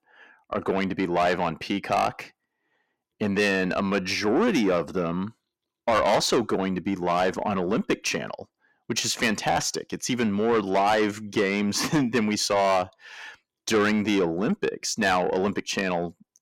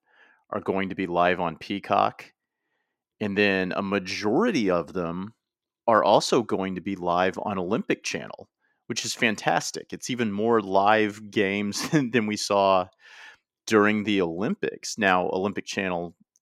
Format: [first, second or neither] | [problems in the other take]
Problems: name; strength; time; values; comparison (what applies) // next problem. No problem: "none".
second | distortion; heavy; 7 dB below the speech